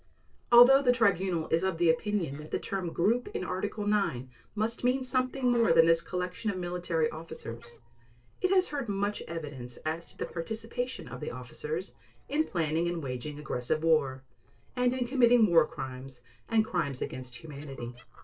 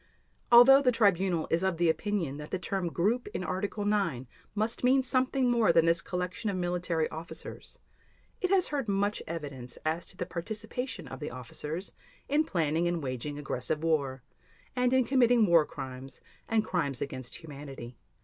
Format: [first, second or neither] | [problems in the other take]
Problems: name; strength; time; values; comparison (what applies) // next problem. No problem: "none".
second | noise reduction (neural separator model SepFormer DNS4)